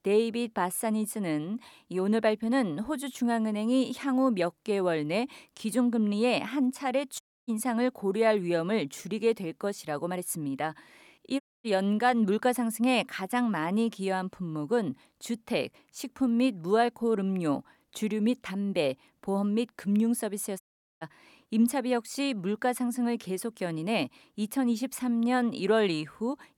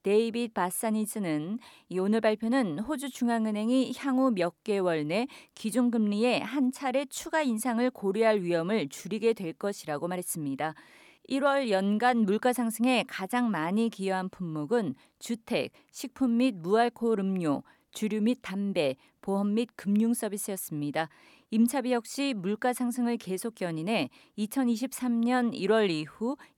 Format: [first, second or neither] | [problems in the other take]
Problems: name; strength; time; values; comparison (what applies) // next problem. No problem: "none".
second | audio cutting out; at 7 s, at 11 s and at 21 s